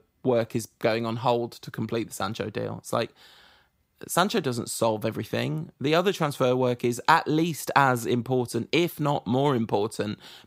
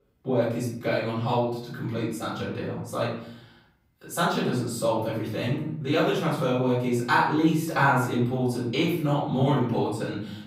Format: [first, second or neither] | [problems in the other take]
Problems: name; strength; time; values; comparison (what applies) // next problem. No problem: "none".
first | room echo; noticeable; dies away in 0.7 s // off-mic speech; far